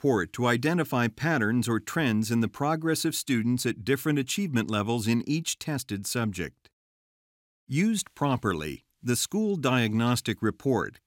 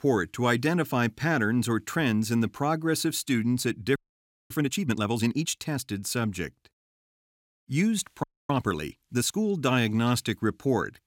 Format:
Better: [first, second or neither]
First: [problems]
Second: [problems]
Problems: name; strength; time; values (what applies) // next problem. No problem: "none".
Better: first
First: none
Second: audio freezing; at 4 s for 0.5 s and at 8 s